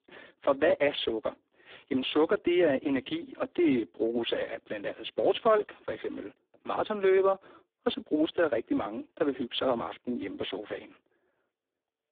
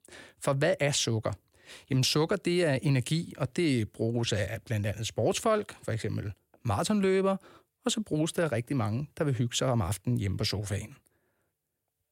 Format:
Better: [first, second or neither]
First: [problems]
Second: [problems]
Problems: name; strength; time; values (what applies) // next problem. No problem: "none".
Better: second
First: phone-call audio; poor line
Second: none